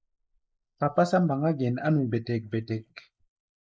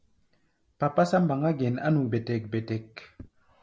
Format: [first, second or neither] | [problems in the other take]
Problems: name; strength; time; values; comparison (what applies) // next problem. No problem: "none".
second | noise reduction (neural mask model Resemble Enhance denoiser)